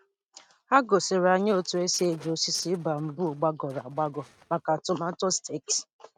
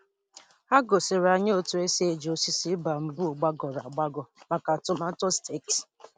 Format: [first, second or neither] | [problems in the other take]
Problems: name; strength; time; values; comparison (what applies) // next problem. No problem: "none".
second | noise reduction (neural mask model RNNoise)